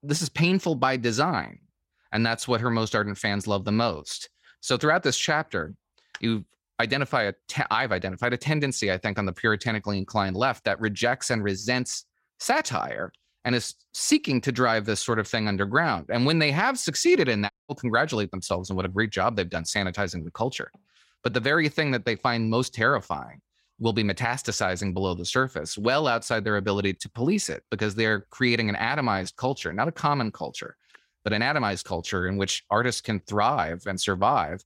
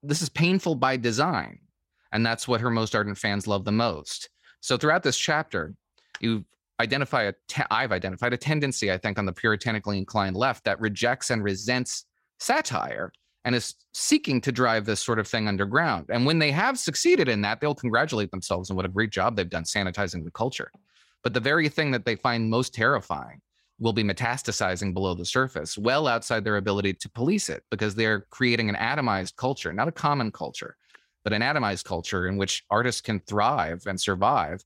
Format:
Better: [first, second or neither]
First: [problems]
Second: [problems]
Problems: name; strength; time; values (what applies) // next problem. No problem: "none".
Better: second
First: audio cutting out; at 18 s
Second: none